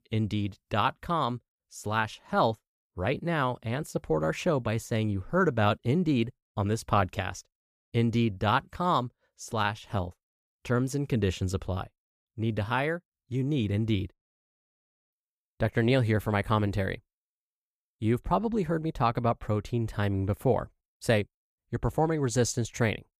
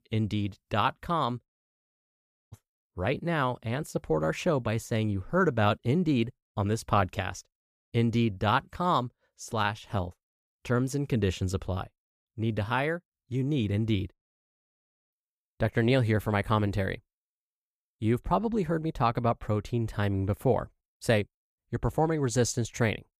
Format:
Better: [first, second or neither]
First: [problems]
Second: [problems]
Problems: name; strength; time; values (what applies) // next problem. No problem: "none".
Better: first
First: none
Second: audio cutting out; at 1.5 s for 1 s